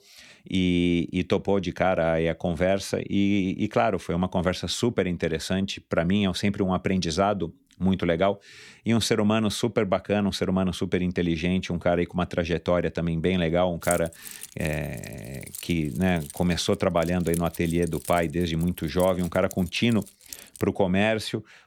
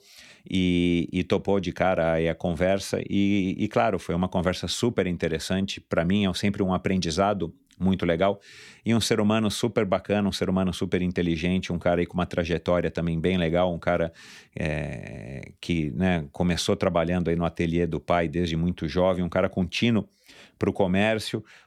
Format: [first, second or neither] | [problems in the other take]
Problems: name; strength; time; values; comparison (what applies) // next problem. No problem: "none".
second | jangling keys; noticeable; from 14 to 21 s; peak 8 dB below the speech